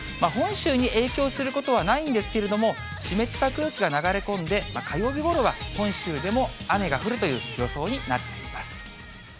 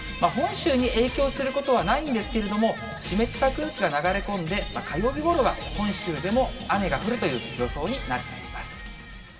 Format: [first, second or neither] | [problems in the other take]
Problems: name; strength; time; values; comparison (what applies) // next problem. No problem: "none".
first | room echo; dies away in 2.6 s